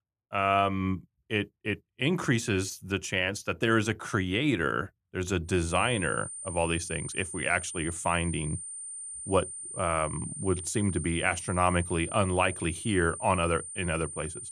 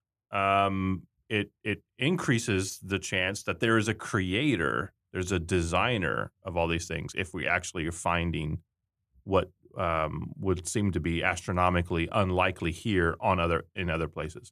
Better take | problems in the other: second | high-pitched whine; loud; from 5.5 s on; 9 kHz, 8 dB below the speech

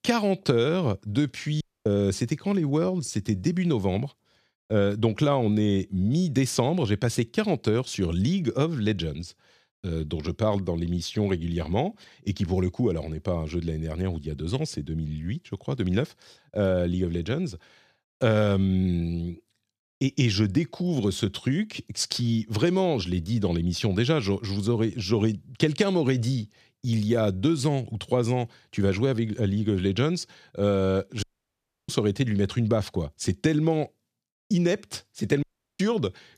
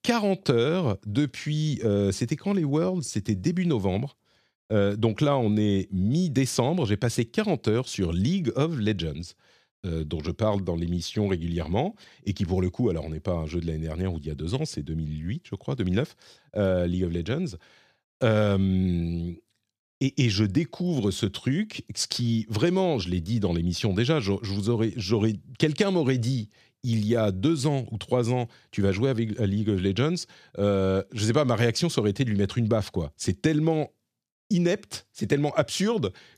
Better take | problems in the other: second | audio cutting out; at 1.5 s, at 31 s for 0.5 s and at 35 s

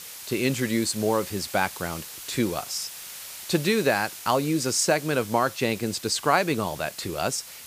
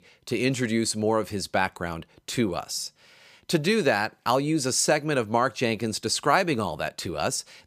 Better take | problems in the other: second | hiss; noticeable; throughout; 10 dB below the speech

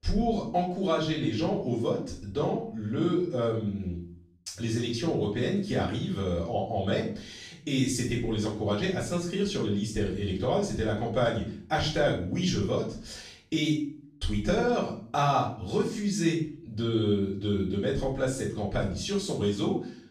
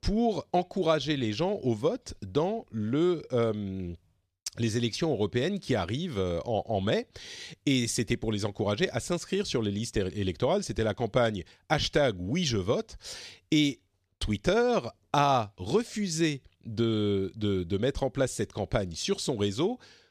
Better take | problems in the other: second | off-mic speech; far // room echo; noticeable; dies away in 0.5 s

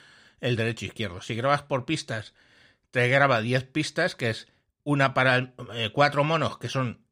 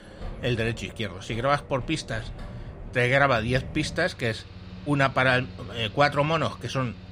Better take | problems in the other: first | machinery noise; noticeable; throughout; 15 dB below the speech

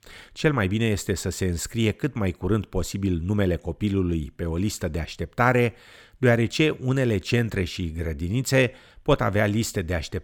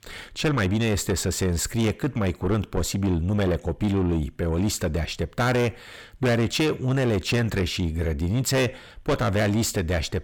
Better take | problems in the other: first | distortion; heavy; 7 dB below the speech

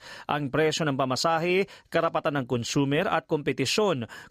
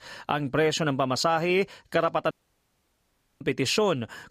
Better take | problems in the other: first | audio cutting out; at 2.5 s for 1 s

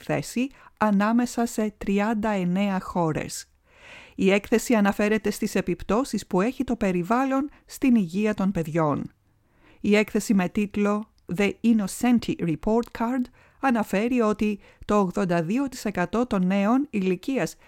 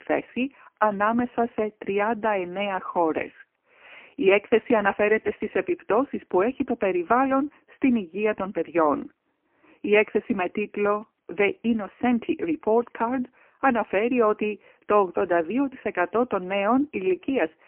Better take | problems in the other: first | phone-call audio; poor line; nothing above 3 kHz

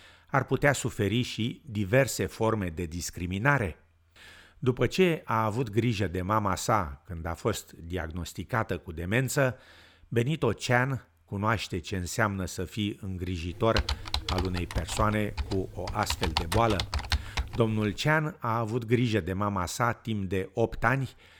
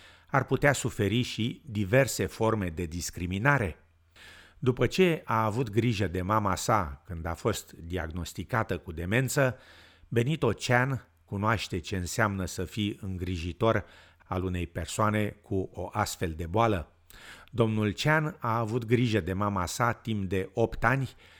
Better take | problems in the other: second | keyboard typing; noticeable; from 14 to 18 s; peak 1 dB below the speech

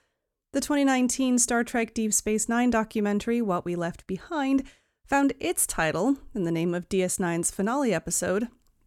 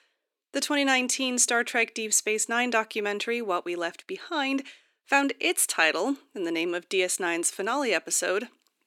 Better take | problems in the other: first | thin; somewhat; fading below 300 Hz

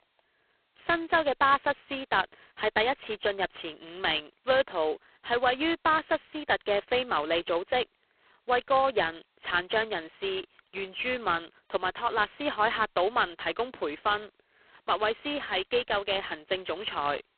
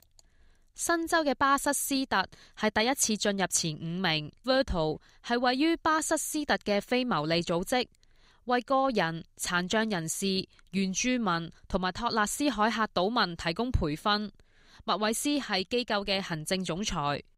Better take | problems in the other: second | phone-call audio; poor line; nothing above 3.5 kHz

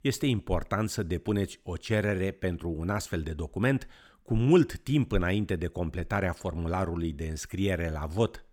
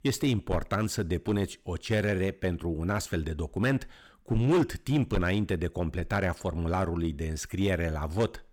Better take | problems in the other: first | distortion; slight; 5% of the sound clipped

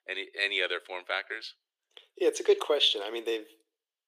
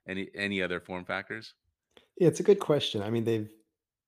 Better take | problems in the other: second | thin; very; fading below 400 Hz

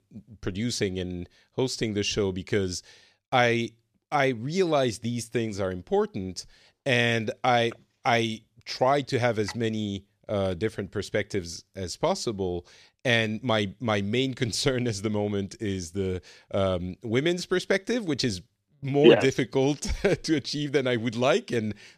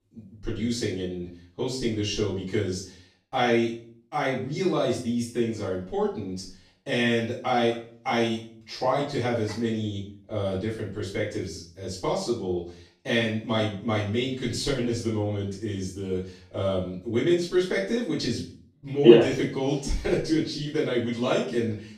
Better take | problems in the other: first | room echo; noticeable; dies away in 0.4 s // off-mic speech; far

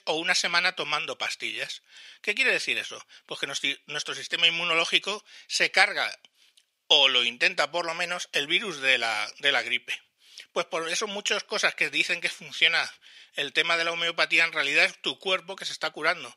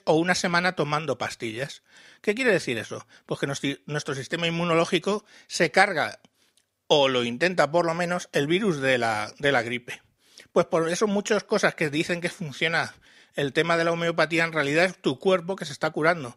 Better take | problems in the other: second | thin; somewhat; fading below 1 kHz

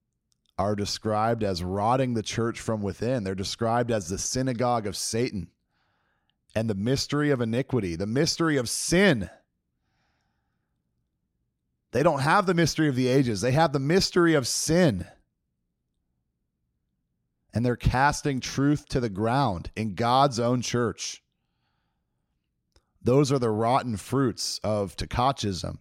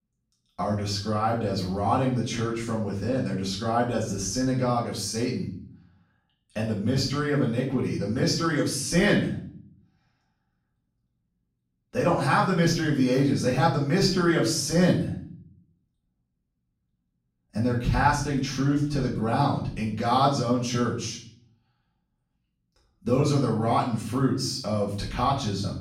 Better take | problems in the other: first | off-mic speech; far // room echo; noticeable; dies away in 0.5 s

